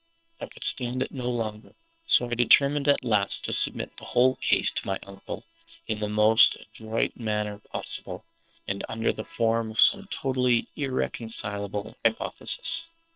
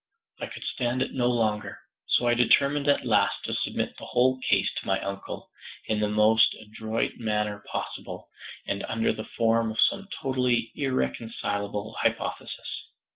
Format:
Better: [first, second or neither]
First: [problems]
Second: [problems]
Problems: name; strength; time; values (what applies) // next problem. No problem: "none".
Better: second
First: noise reduction (neural separator model SepFormer WHAM!)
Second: none